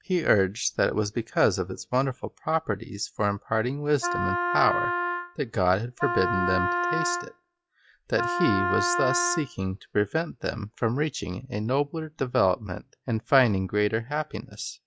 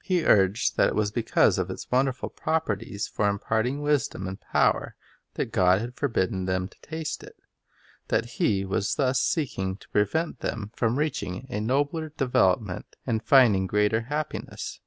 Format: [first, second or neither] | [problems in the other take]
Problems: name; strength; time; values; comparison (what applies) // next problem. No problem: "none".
second | noise reduction (classical method log-MMSE)